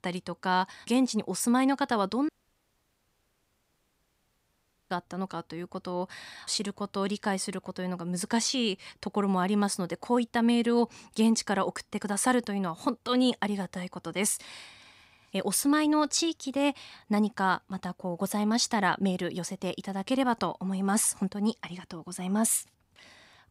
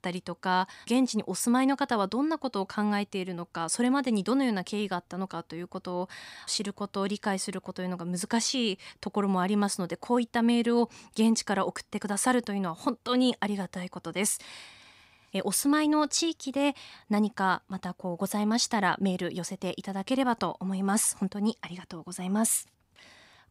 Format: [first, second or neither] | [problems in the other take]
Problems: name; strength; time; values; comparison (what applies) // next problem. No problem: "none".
second | audio cutting out; at 2.5 s for 2.5 s